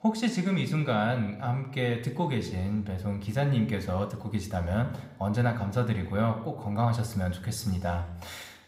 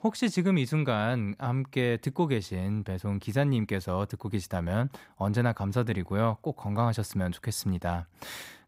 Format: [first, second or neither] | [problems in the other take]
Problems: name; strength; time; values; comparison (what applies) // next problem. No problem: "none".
second | room echo; slight; dies away in 0.8 s